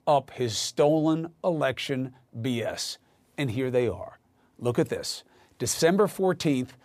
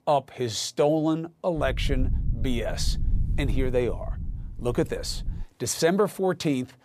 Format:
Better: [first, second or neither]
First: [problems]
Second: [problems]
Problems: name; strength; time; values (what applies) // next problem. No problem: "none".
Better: first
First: none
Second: low rumble; faint; from 1.5 to 5.5 s; 20 dB below the speech